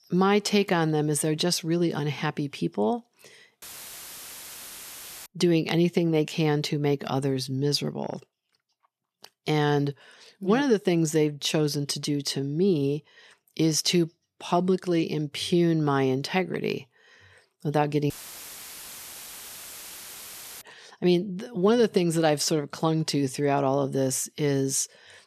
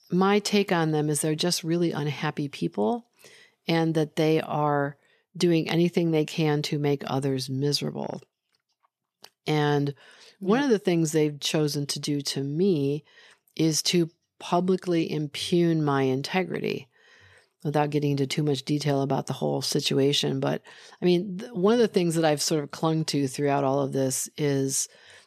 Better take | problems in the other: second | audio cutting out; filled with static; at 3.5 s for 1.5 s and at 18 s for 2.5 s

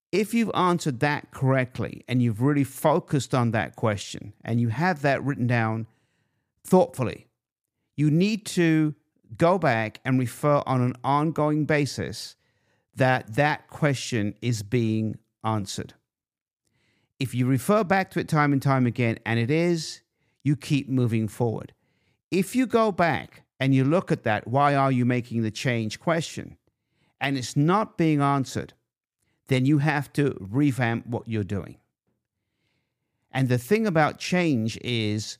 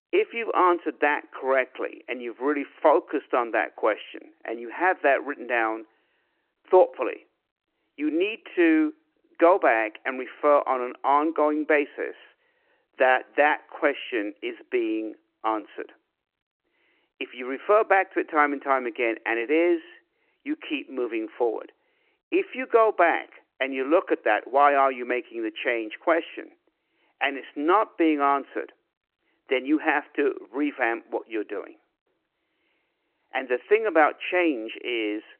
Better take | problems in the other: first | phone-call audio

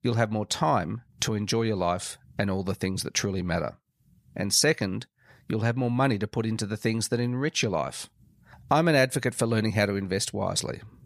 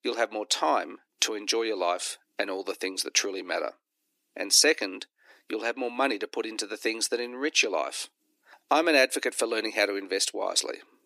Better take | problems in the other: first | thin; somewhat; fading below 300 Hz

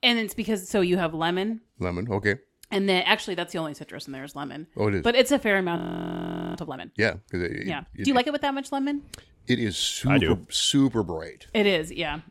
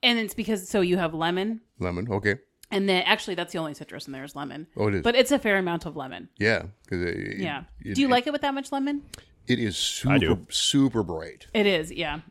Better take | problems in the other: second | audio freezing; at 6 s for 1 s

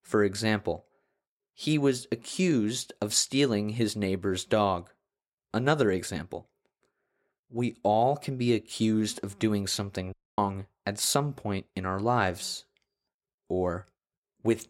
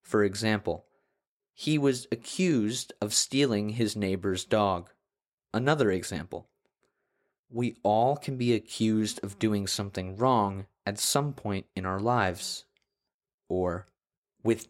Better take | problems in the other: second | audio cutting out; at 10 s

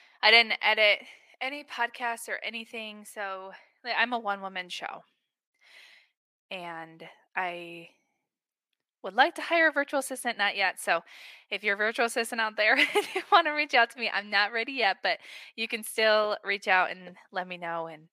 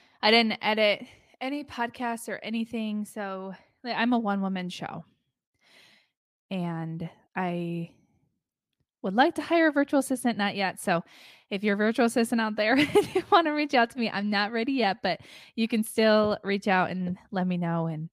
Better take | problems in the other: second | thin; very; fading below 550 Hz

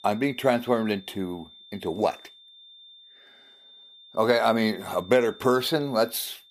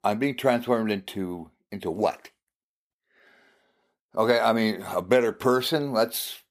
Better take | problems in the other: second | high-pitched whine; faint; throughout; 3.5 kHz, 25 dB below the speech

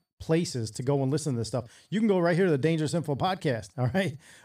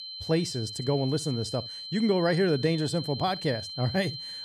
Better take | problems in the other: first | high-pitched whine; loud; throughout; 4 kHz, 8 dB below the speech

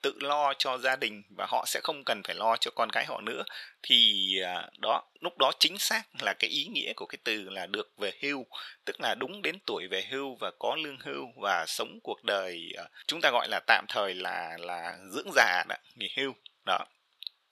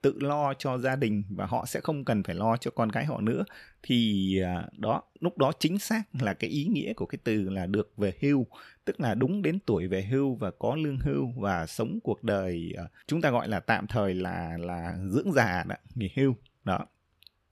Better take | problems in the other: second | thin; very; fading below 800 Hz

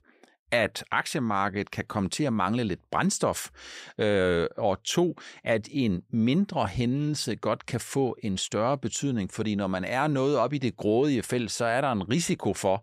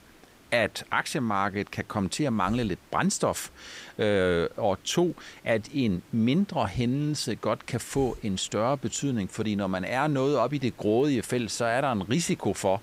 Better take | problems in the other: first | hiss; faint; throughout; 25 dB below the speech

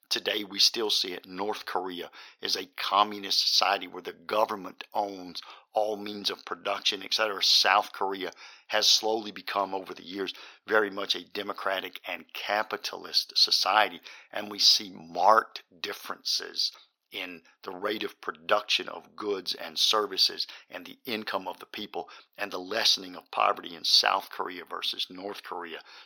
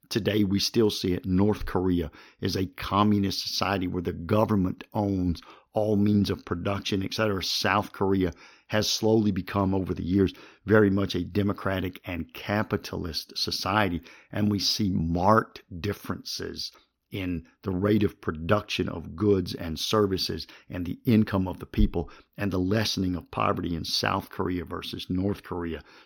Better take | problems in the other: second | thin; very; fading below 700 Hz

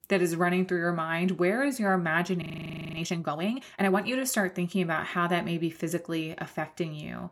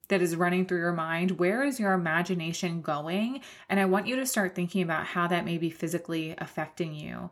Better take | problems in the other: second | audio freezing; at 2.5 s for 0.5 s

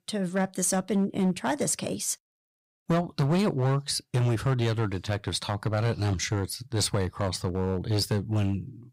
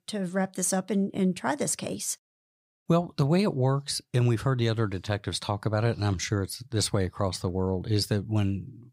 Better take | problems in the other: second | distortion; slight; 7% of the sound clipped

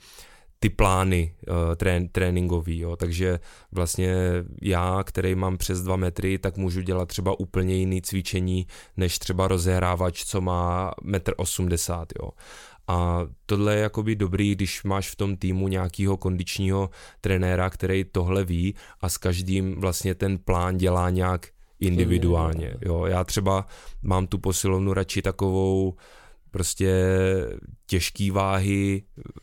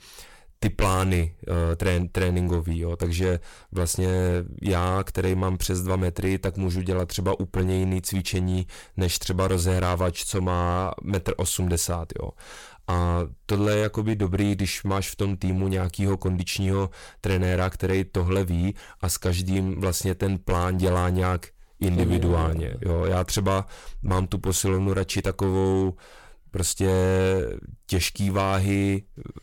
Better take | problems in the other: first | distortion; slight; 7% of the sound clipped

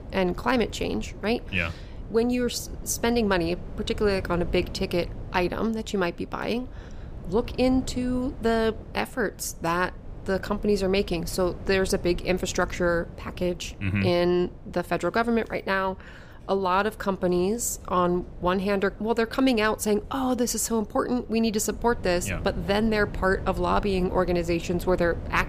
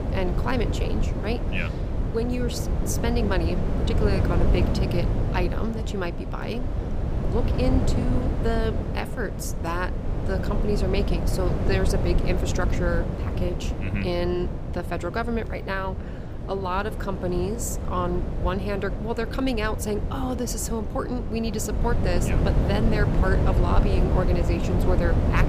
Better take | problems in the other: first | wind noise on the microphone; heavy; 4 dB below the speech; occasional gusts in the first

